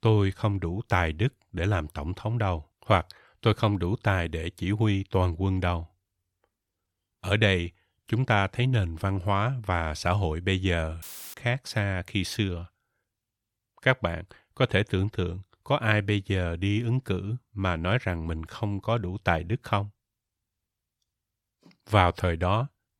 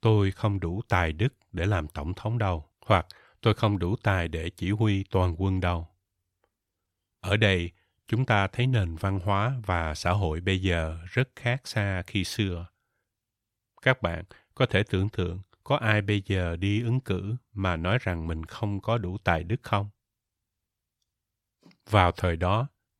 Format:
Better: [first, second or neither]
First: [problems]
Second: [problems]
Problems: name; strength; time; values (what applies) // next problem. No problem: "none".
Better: second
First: audio cutting out; filled with static; at 11 s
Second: none